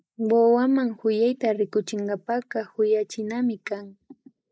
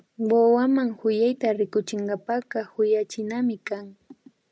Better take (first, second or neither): second